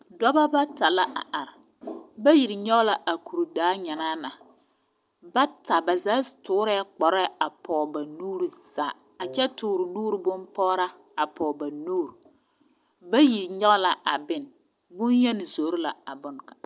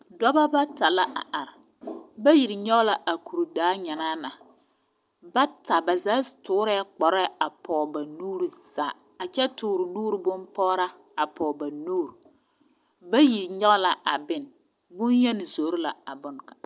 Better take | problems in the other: second | background sound (Wind instrument, woodwind instrument); 18 dB below the speech

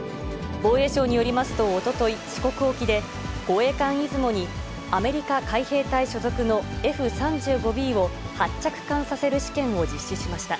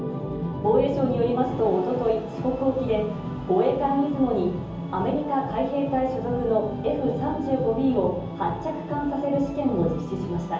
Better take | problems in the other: first | room echo; dies away in 0.7 s

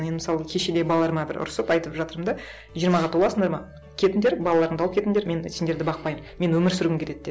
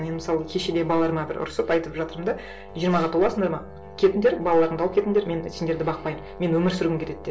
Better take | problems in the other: first | background sound (Brass instrument); 20 dB below the speech // room echo; dies away in 0.2 s

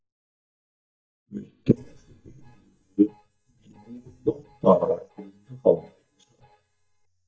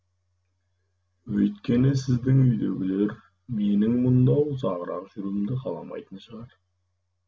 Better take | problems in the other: second | noise reduction (neural mask model DeepFilterNet 3)

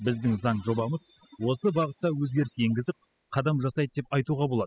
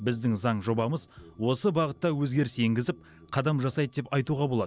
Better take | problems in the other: second | noise reduction (classical method spectral subtraction)

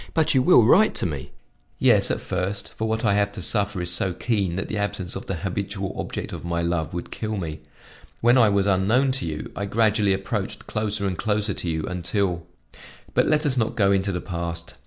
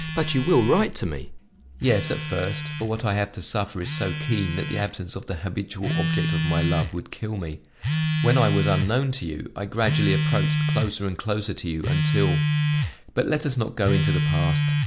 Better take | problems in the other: first | background sound (Telephone); as loud as the speech

